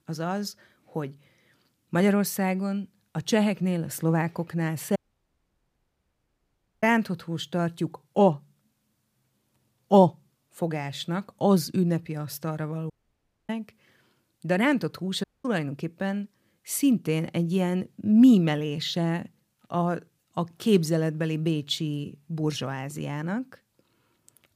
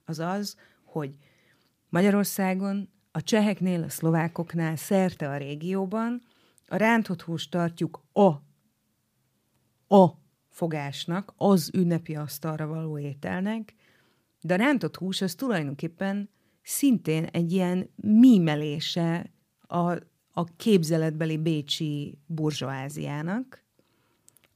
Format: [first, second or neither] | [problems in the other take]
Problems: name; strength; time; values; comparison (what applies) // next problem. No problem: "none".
second | audio cutting out; at 5 s for 2 s, at 13 s for 0.5 s and at 15 s